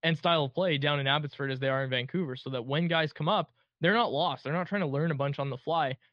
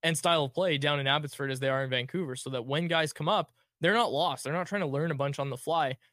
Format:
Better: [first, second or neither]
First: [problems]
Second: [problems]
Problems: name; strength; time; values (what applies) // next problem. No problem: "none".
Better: second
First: muffled; very slightly; fading above 4.5 kHz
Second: none